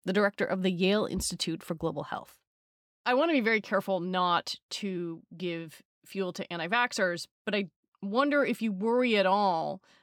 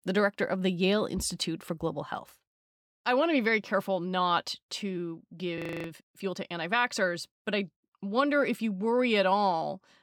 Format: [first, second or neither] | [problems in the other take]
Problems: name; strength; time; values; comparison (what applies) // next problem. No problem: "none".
first | audio freezing; at 5.5 s